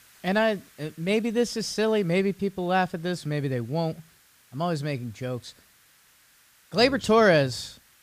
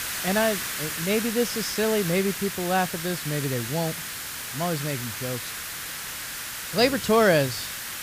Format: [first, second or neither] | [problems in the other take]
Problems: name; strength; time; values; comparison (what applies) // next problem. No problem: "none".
first | hiss; loud; throughout; 5 dB below the speech; faint in the first